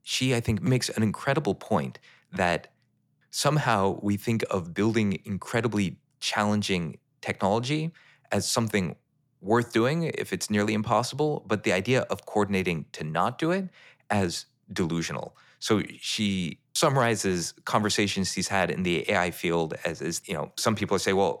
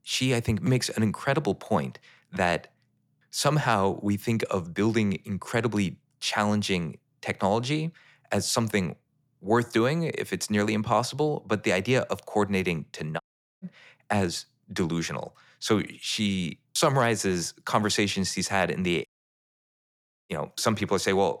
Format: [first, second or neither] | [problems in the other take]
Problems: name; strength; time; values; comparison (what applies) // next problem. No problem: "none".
first | audio cutting out; at 13 s and at 19 s for 1 s